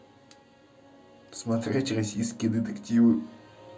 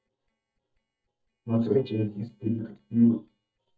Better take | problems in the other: first | noise reduction (neural mask model DeepFilterNet 3)

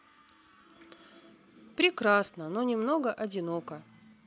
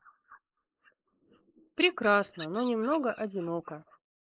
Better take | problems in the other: first | noise reduction (neural mask model Resemble Enhance denoiser)

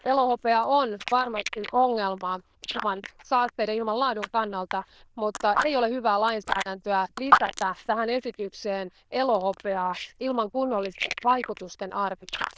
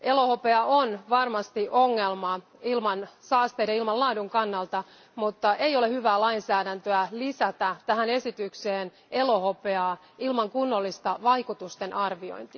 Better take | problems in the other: second | noise reduction (neural diffusion model UNIVERSE++)

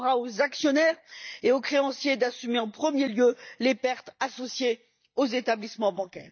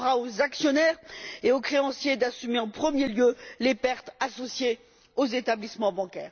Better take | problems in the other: second | noise reduction (neural mask model DeepFilterNet 3)

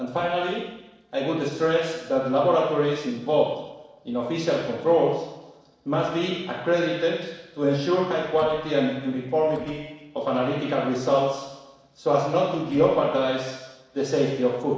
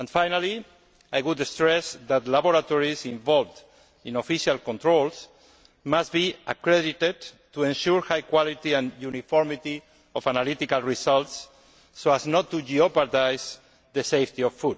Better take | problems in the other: second | noise reduction (neural separator model SepFormer DNS4)

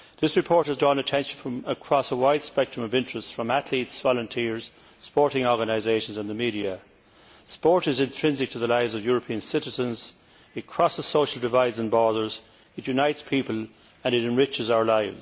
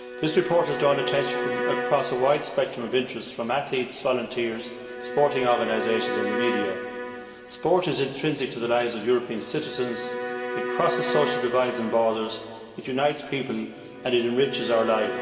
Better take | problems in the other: first | background sound (Bowed string instrument); 6 dB below the speech // room echo; dies away in 2.2 s

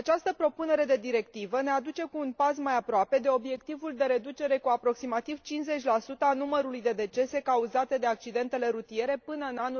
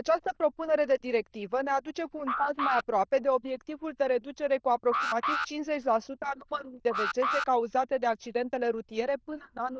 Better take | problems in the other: first | noise reduction (neural diffusion model UNIVERSE++)

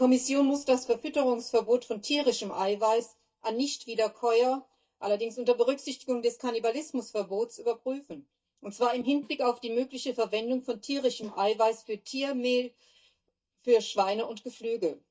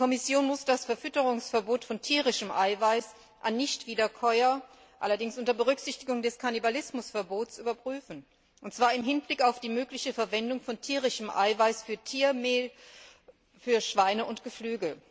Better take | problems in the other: second | noise reduction (neural mask model DeepFilterNet 3)

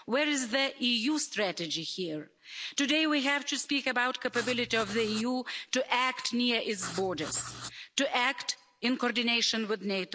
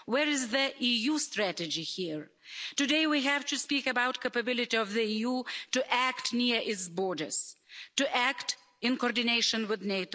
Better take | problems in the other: second | background sound (Writing); 11 dB below the speech

